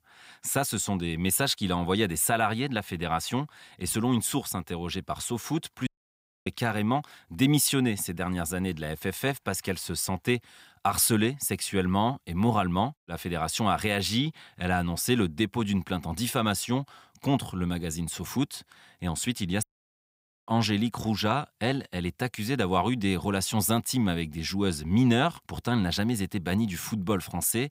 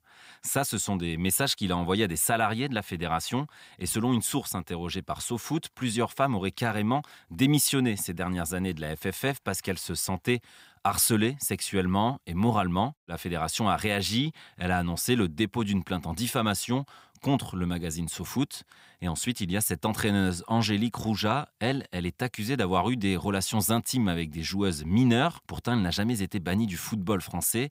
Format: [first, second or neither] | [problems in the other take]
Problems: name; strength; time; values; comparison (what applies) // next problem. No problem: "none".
second | audio cutting out; at 6 s for 0.5 s and at 20 s for 1 s